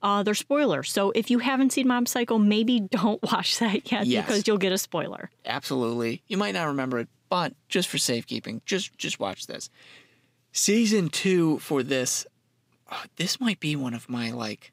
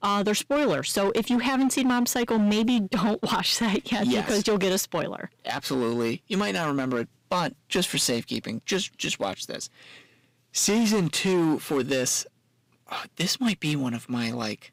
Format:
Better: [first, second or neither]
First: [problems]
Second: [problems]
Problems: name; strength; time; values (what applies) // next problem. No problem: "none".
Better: first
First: none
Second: distortion; slight; 11% of the sound clipped